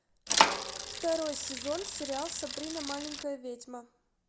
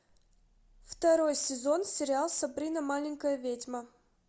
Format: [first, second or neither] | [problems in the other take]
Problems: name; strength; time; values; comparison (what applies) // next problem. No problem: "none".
second | background sound (Bicycle); 5 dB above the speech